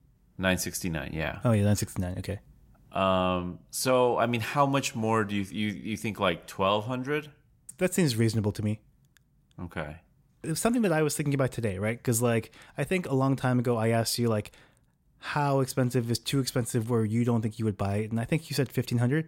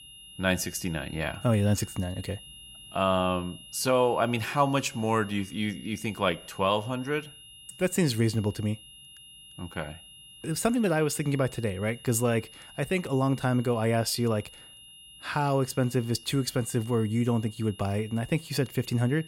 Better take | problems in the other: first | high-pitched whine; noticeable; throughout; 3 kHz, 20 dB below the speech

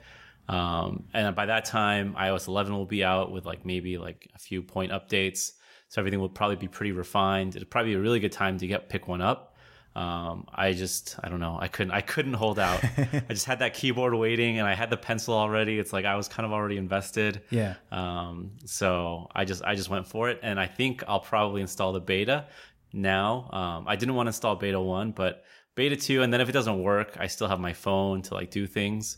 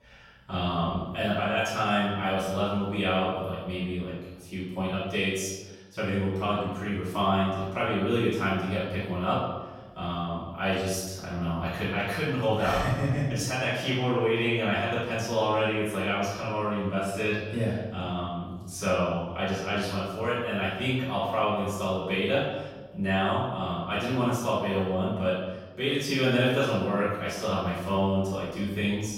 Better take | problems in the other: first | off-mic speech; far // room echo; strong; dies away in 1 s

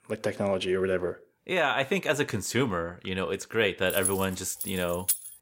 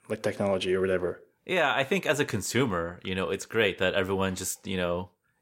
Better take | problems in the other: second | jangling keys; loud; from 4 s on; peak level with the speech

